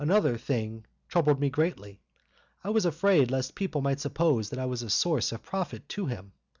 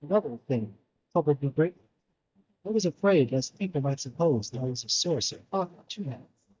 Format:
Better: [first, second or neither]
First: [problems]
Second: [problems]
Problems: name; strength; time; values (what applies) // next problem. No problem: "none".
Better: first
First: none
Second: noise reduction (neural mask model DeepFilterNet 3)